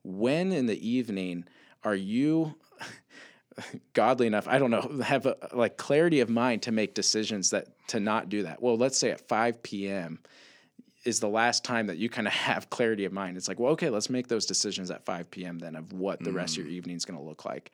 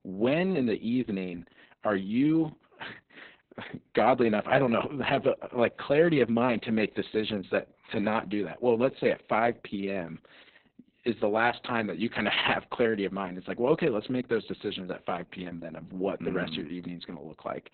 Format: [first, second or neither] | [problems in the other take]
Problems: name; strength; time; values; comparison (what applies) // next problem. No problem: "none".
first | garbled, watery; badly; nothing above 4 kHz